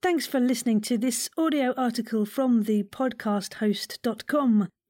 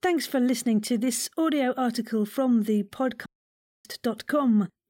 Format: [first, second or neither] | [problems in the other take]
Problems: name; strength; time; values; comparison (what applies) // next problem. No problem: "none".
first | audio cutting out; at 3.5 s for 0.5 s